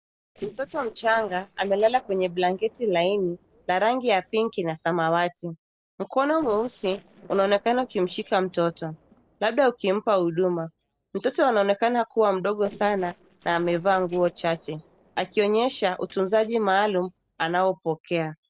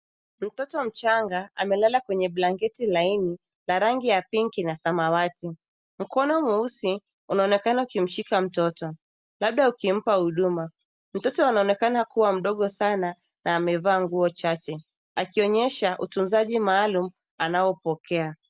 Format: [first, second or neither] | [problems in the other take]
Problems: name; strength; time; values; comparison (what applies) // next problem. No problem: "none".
second | noise reduction (neural separator model SepFormer DNS4)